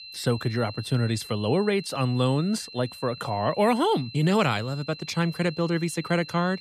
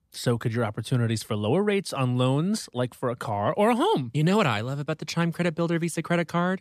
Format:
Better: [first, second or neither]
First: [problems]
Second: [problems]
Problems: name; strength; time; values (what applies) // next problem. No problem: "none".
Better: second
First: high-pitched whine; noticeable; throughout; 4 kHz, 15 dB below the speech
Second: none